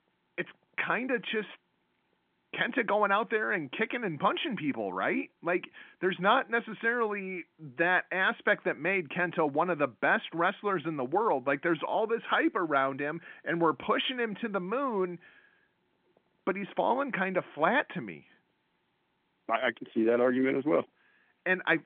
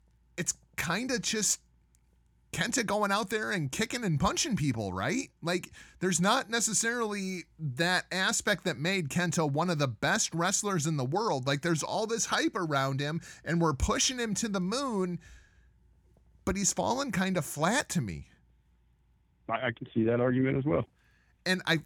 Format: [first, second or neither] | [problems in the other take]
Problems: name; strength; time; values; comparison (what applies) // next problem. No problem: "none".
second | phone-call audio; nothing above 3.5 kHz